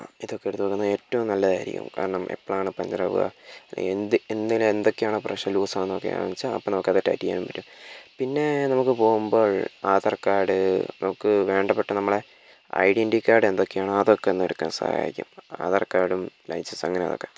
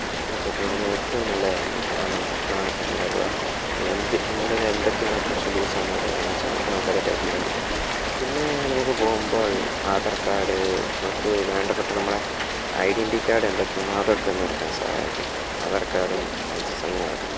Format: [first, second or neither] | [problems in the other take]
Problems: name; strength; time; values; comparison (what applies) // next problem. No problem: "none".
first | background sound (Rain); as loud as the speech